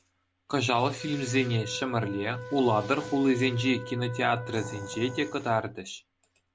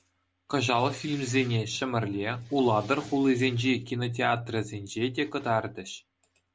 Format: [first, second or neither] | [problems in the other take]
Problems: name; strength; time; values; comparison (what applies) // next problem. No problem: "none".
second | background sound (Animal + Wind instrument, woodwind instrument); 14 dB below the speech